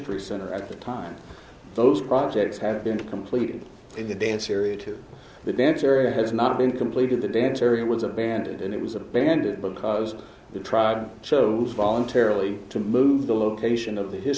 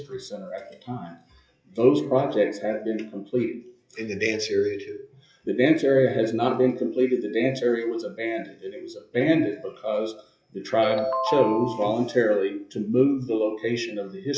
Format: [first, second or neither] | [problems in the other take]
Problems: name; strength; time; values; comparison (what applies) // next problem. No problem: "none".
first | noise reduction (classical method WPE with log-MMSE)